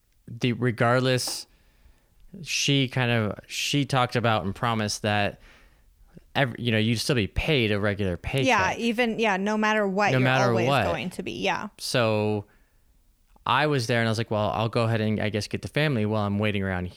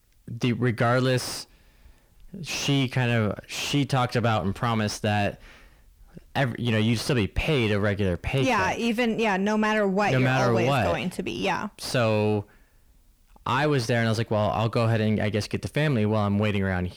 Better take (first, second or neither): first